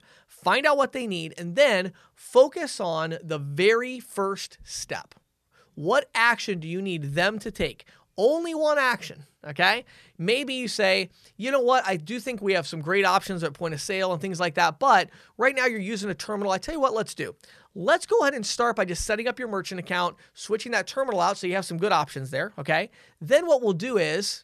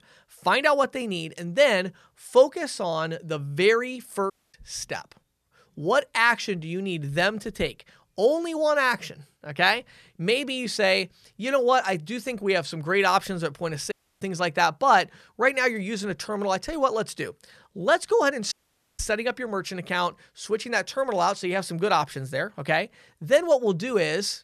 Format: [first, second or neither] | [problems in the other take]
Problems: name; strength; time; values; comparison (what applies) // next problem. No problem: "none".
first | audio cutting out; at 4.5 s, at 14 s and at 19 s